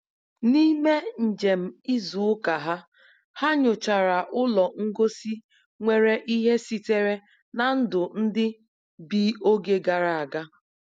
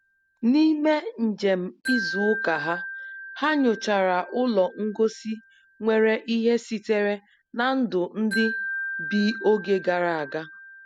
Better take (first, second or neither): first